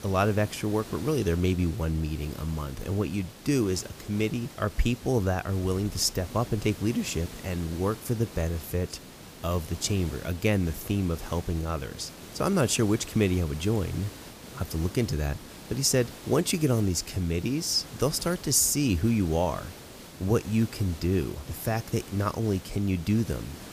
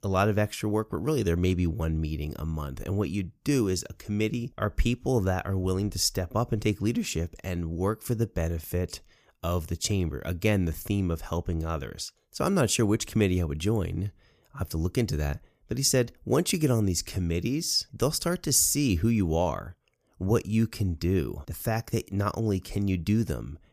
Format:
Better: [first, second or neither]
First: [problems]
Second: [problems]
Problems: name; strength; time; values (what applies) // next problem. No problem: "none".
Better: second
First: hiss; noticeable; throughout; 15 dB below the speech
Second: none